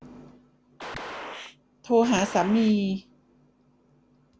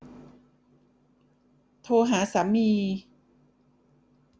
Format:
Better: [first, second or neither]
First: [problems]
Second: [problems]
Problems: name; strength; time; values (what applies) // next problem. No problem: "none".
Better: second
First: background sound (Gunshot, gunfire); 11 dB below the speech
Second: none